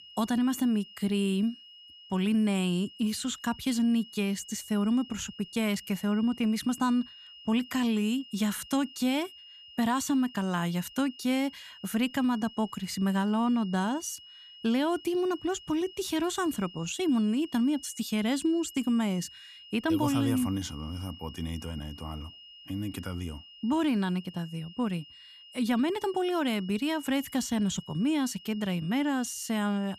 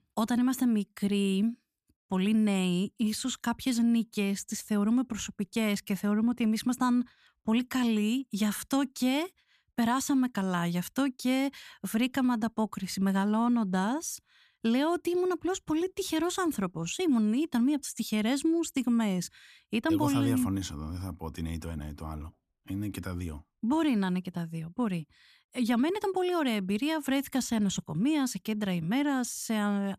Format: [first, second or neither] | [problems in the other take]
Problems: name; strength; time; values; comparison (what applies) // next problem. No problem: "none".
second | high-pitched whine; noticeable; throughout; 3 kHz, 20 dB below the speech